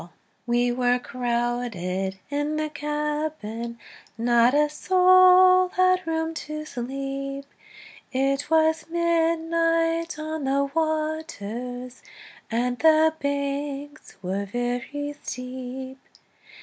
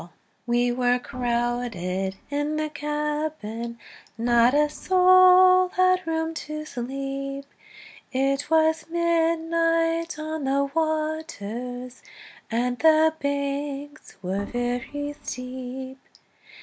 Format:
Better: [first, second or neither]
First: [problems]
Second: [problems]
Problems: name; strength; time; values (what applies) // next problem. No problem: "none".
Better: first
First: none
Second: background sound (Organ); 20 dB below the speech